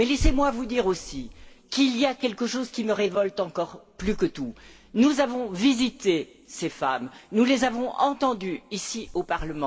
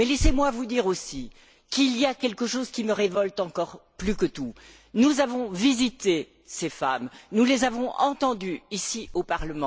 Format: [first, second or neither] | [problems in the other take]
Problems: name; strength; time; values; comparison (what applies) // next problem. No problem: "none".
second | room echo; dies away in 1.1 s